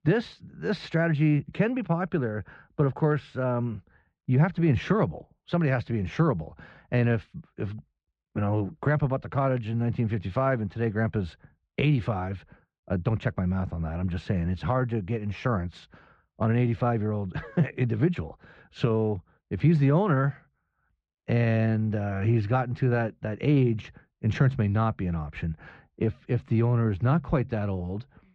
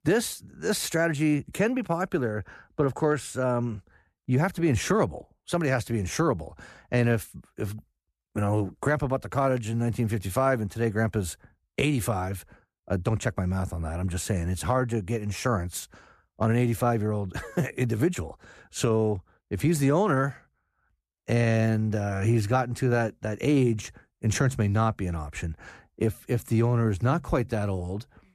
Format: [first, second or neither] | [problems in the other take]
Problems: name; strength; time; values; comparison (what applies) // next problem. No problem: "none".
second | muffled; slightly; fading above 3.5 kHz